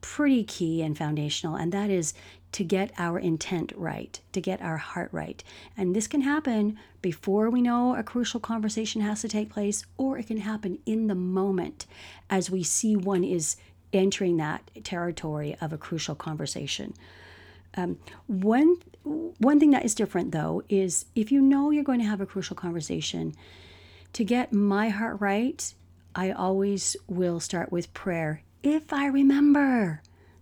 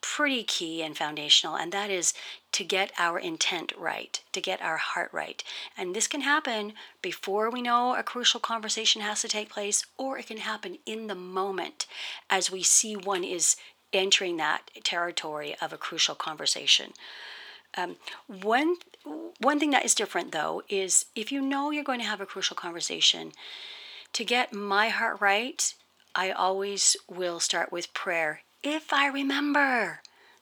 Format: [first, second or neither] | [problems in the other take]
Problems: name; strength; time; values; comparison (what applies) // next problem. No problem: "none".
first | thin; very; fading below 600 Hz